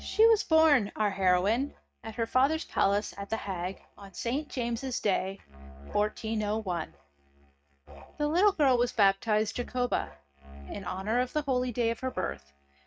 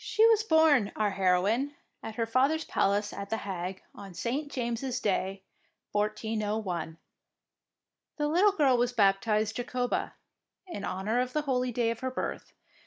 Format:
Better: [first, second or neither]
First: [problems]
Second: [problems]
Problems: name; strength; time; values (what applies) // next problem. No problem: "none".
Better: second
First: noise reduction (neural mask model RNNoise)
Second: none